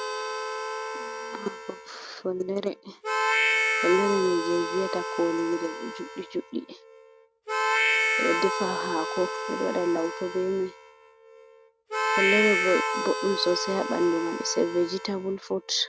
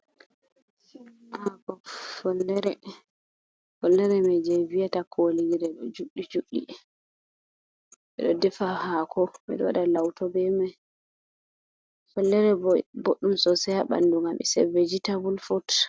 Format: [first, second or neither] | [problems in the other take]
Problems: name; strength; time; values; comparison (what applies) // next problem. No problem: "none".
second | background sound (Harmonica); 1 dB below the speech